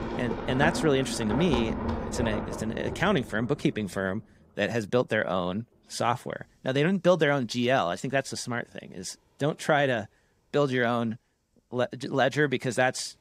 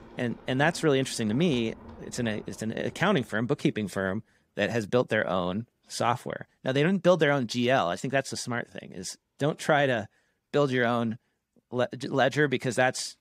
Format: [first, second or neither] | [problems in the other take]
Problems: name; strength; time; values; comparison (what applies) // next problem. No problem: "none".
second | rain or running water; loud; throughout; 6 dB below the speech; faint in the second